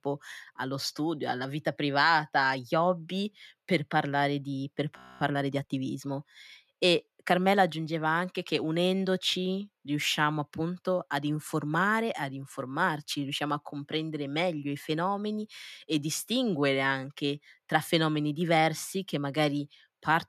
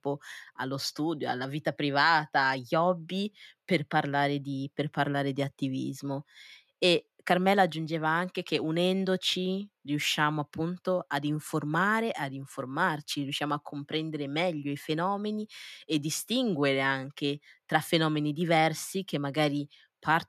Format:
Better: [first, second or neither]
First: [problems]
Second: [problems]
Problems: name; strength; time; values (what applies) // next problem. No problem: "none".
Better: second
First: audio freezing; at 5 s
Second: none